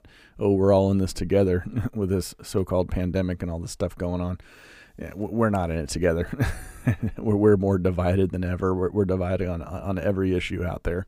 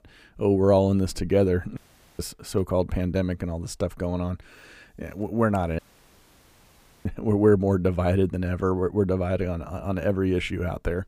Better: first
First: none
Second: audio cutting out; at 2 s and at 6 s for 1.5 s

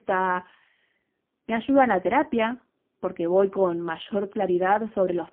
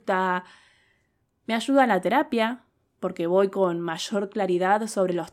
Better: second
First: phone-call audio; poor line; nothing above 3.5 kHz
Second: none

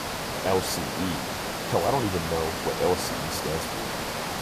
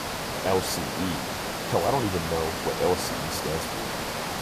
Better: neither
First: hiss; loud; throughout; 1 dB below the speech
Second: hiss; loud; throughout; 1 dB below the speech

